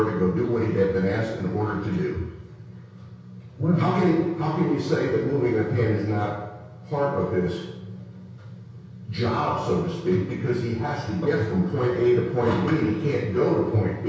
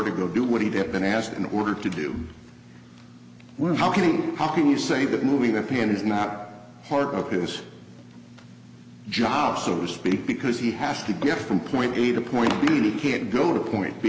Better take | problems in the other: second | room echo; dies away in 0.6 s

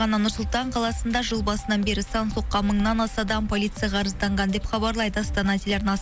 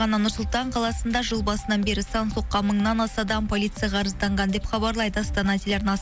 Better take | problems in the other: second | background sound (Car passing by); 17 dB below the speech

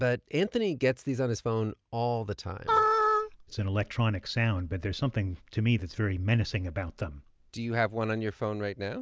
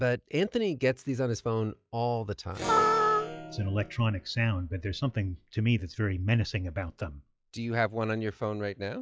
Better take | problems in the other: first | noise reduction (classical method log-MMSE)

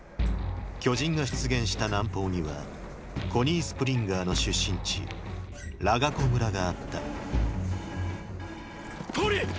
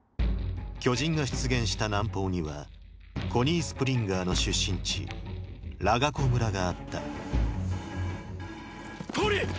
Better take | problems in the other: second | background sound (Sliding door); 15 dB below the speech

